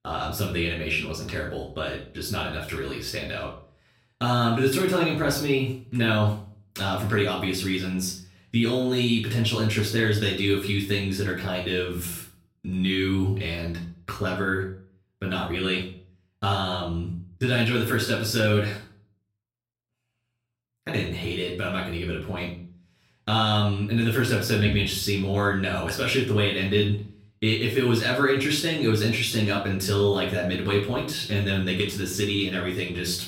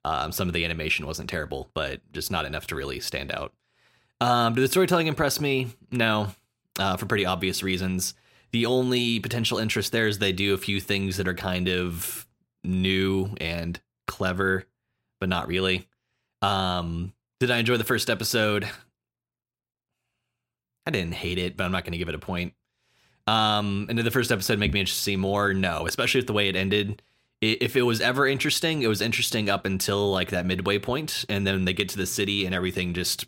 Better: second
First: off-mic speech; far // room echo; noticeable; dies away in 0.4 s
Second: none

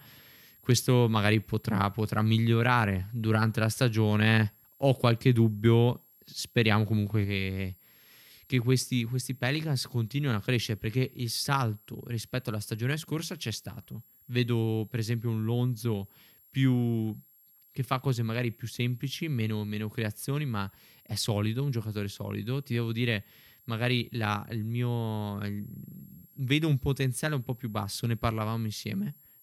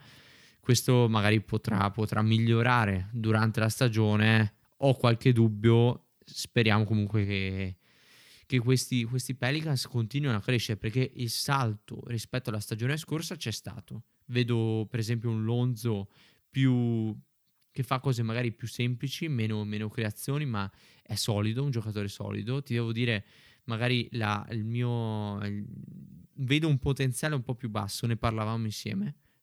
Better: second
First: high-pitched whine; faint; throughout; 11.5 kHz, 30 dB below the speech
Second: none

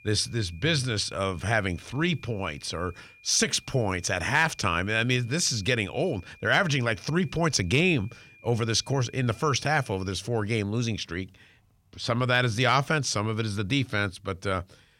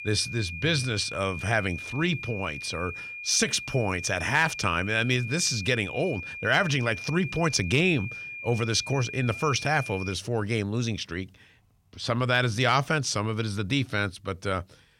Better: first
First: high-pitched whine; faint; until 10 s; 2.5 kHz, 25 dB below the speech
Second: high-pitched whine; loud; until 10 s; 2.5 kHz, 9 dB below the speech

